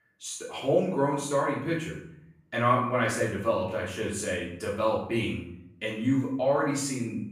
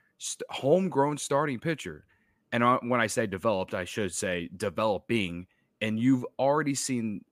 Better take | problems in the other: second | room echo; noticeable; dies away in 0.6 s // off-mic speech; far

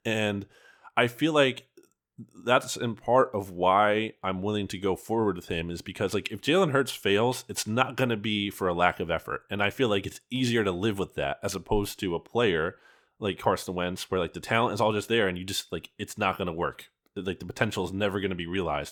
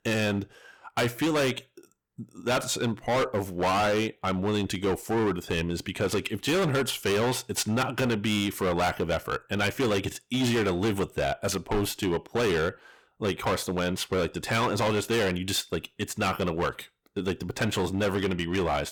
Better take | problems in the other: first | distortion; heavy; 16% of the sound clipped

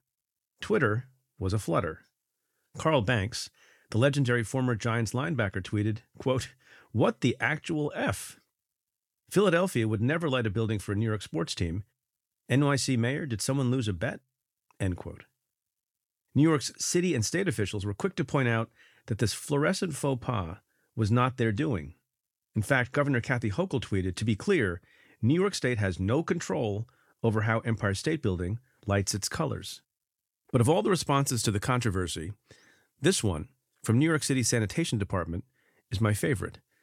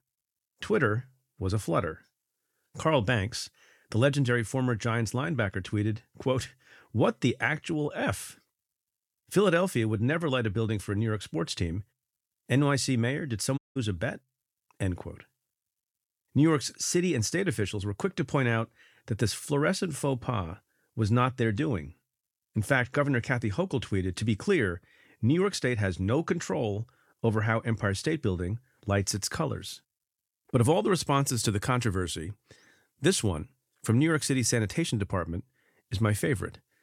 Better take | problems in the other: first | audio cutting out; at 14 s

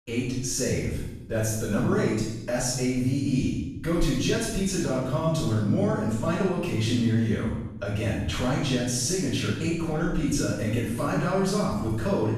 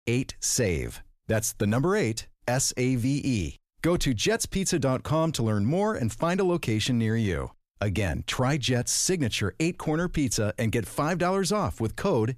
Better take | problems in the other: second | off-mic speech; far // room echo; strong; dies away in 0.9 s

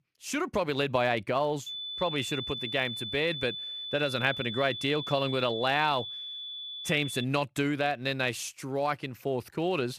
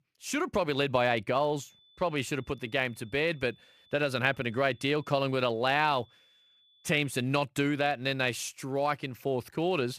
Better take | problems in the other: second | high-pitched whine; loud; from 1.5 to 7 s; 3.5 kHz, 6 dB below the speech; faint in the second

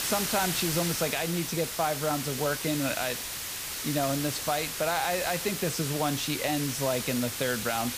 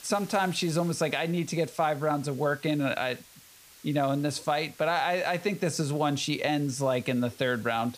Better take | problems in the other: second | hiss; loud; throughout; 2 dB below the speech; faint in the second

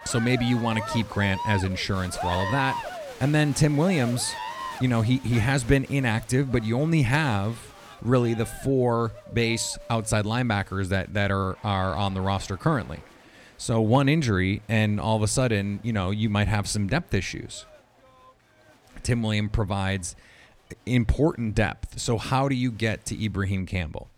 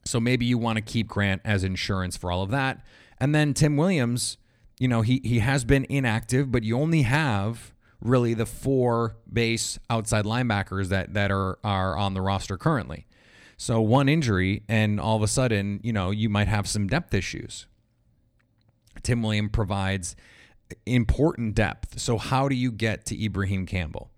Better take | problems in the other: second | crowd noise; noticeable; throughout; 10 dB below the speech

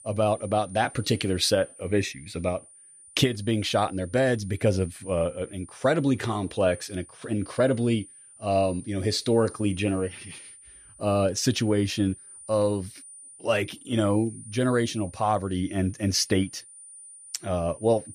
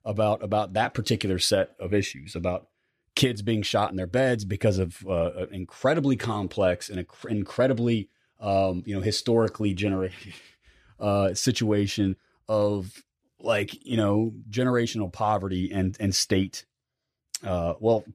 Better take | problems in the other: second | high-pitched whine; noticeable; throughout; 9.5 kHz, 20 dB below the speech

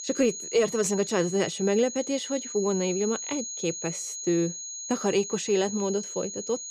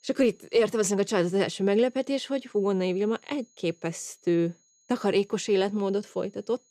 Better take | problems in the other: second | high-pitched whine; loud; throughout; 6.5 kHz, 7 dB below the speech; faint in the second

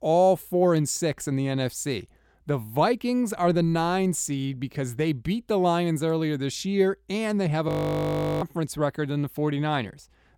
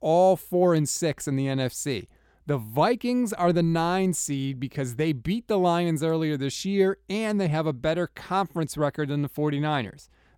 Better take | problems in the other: second | audio freezing; at 7.5 s for 0.5 s

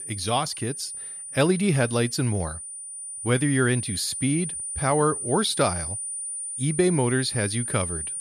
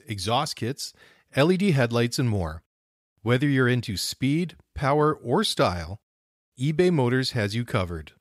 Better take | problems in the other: second | high-pitched whine; loud; throughout; 9.5 kHz, 5 dB below the speech

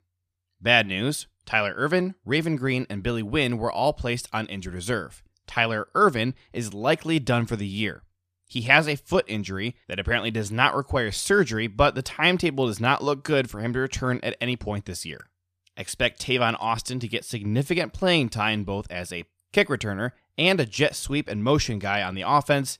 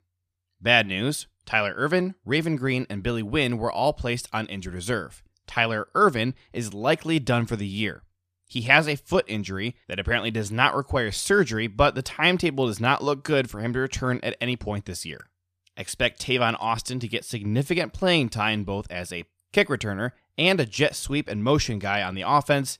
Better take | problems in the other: neither | none

